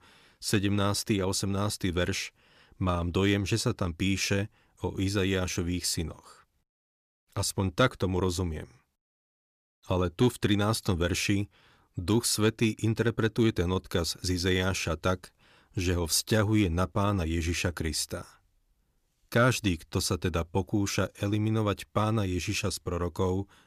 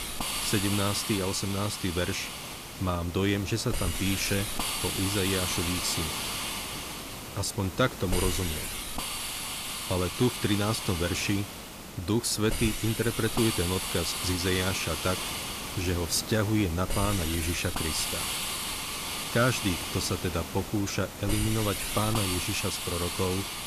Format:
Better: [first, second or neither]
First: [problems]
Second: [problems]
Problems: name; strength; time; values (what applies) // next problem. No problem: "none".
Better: first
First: none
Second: hiss; loud; throughout; 3 dB below the speech